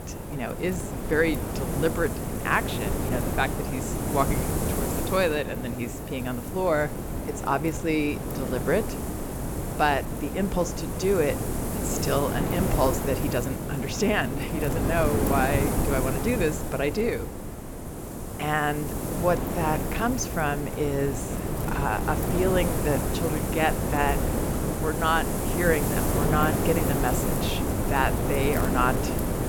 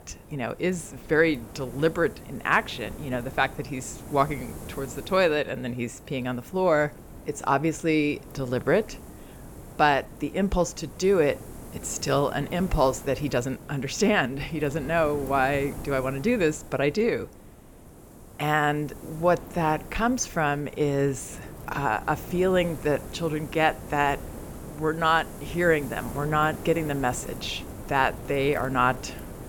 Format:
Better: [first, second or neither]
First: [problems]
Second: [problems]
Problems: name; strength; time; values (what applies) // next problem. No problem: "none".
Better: second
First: wind noise on the microphone; heavy; 5 dB below the speech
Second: wind noise on the microphone; occasional gusts; 20 dB below the speech